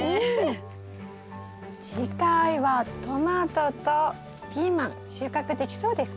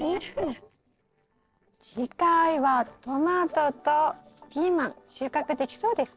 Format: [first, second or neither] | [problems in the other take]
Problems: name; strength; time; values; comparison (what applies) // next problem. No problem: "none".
first | noise reduction (neural separator model SepFormer DNS4)